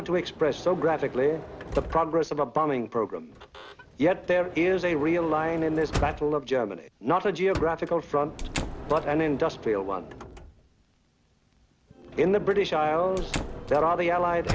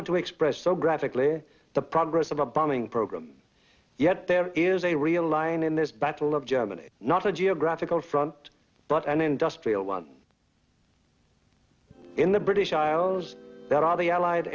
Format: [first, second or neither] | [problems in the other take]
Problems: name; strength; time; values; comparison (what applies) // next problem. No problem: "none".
second | background sound (Sliding door / Motor vehicle (road) + Squeak / Slam / Wood); 11 dB below the speech